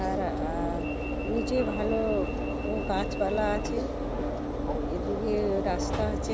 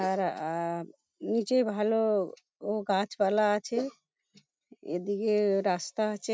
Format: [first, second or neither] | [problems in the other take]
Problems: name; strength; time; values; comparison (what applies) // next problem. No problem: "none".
second | background sound (Alarm / Engine / Train); 1 dB above the speech